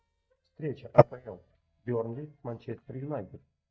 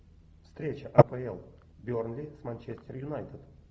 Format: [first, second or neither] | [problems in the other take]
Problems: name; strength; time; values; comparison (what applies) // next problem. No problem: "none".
second | noise reduction (neural mask model DeepFilterNet 3)